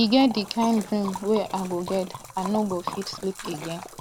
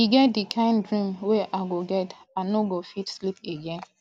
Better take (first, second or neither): second